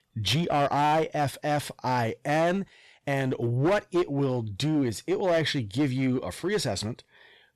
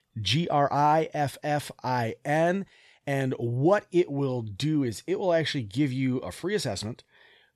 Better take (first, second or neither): second